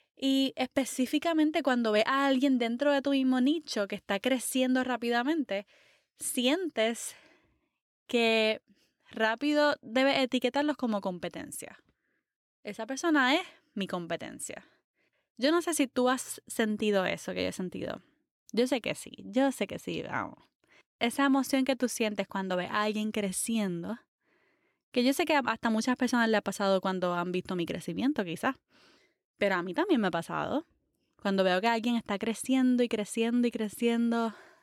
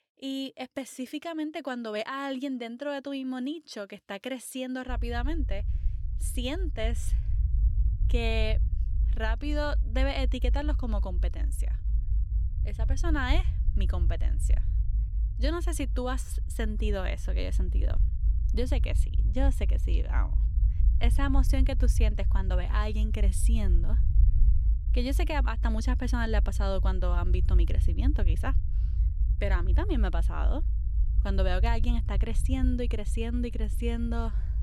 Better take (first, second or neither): first